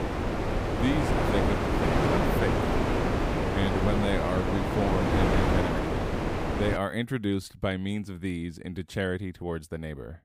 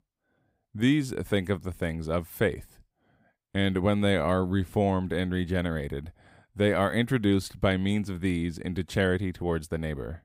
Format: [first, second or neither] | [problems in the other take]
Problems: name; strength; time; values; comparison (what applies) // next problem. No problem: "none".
second | wind noise on the microphone; heavy; until 7 s; 5 dB above the speech